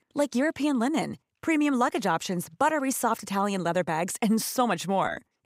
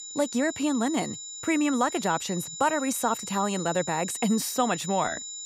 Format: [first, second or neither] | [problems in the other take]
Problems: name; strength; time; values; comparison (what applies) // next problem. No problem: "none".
first | high-pitched whine; loud; throughout; 7 kHz, 8 dB below the speech